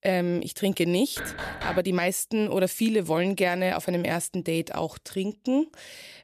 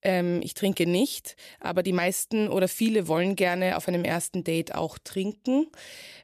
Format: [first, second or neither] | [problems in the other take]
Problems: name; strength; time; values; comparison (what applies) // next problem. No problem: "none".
second | door banging; noticeable; at 1 s; peak 7 dB below the speech